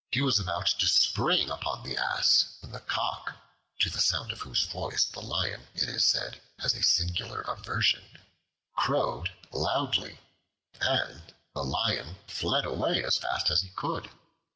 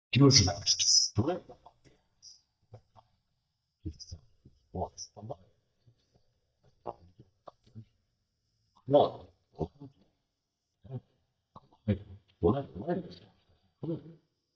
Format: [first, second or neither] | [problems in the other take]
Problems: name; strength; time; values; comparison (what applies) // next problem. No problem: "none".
first | noise reduction (neural mask model DeepFilterNet 3)